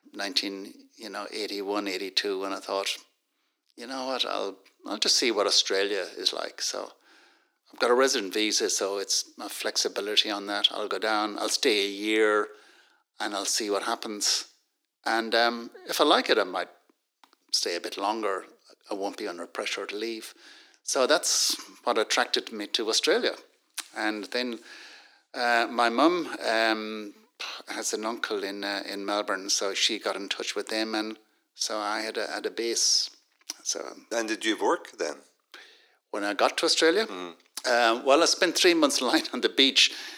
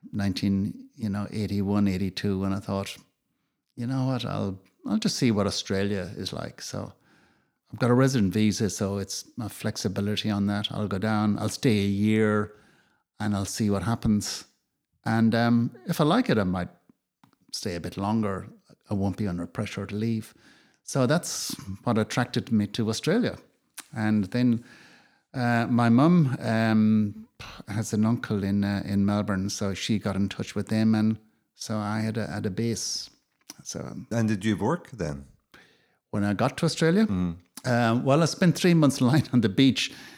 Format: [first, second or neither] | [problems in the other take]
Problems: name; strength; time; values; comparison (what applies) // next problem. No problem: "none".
second | thin; very; fading below 350 Hz